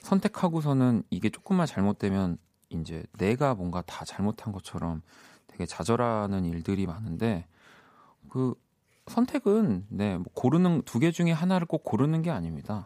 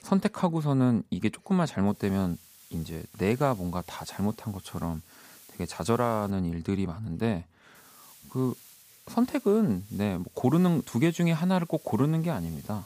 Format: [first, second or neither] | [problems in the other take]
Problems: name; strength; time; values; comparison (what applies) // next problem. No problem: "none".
first | hiss; faint; from 2 to 6.5 s and from 8 s on; 25 dB below the speech